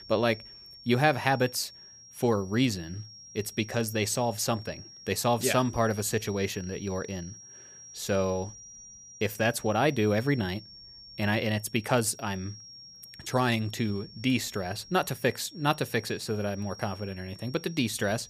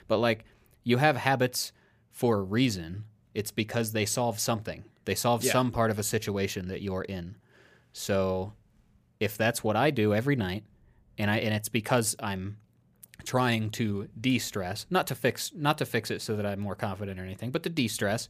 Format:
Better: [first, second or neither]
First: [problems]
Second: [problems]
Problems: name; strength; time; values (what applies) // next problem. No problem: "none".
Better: second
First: high-pitched whine; noticeable; throughout; 5.5 kHz, 15 dB below the speech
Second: none